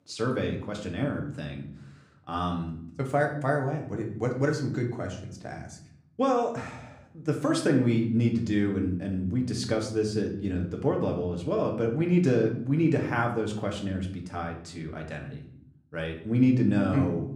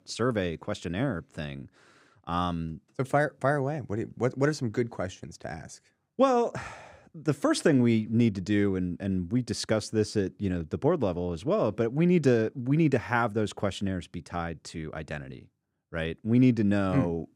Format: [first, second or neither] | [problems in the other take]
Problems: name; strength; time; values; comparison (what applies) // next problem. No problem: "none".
second | room echo; slight; dies away in 0.6 s // off-mic speech; somewhat distant